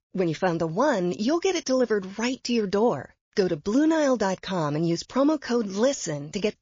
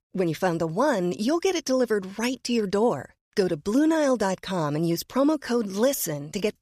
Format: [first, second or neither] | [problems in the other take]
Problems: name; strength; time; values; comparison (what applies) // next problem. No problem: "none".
second | garbled, watery; slightly; nothing above 6 kHz